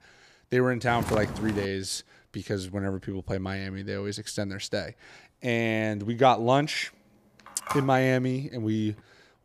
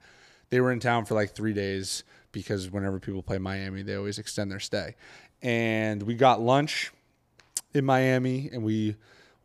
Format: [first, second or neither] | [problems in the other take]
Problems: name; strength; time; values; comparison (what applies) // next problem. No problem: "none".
second | footsteps; noticeable; at 1 s; peak 4 dB below the speech // phone ringing; noticeable; at 7.5 s; peak 6 dB below the speech